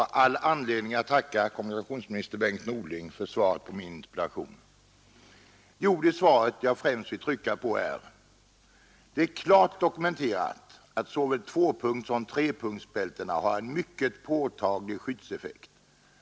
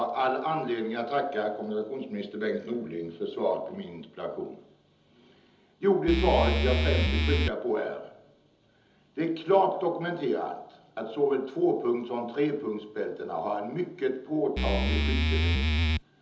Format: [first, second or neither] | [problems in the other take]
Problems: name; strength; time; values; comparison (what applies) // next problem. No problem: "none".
first | background sound (Musical instrument); 5 dB above the speech // room echo; dies away in 1.2 s